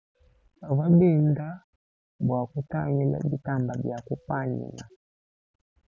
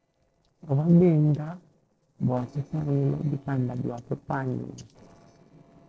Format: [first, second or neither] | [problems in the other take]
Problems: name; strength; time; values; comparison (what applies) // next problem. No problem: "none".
first | noise reduction (neural separator model SepFormer DNS4)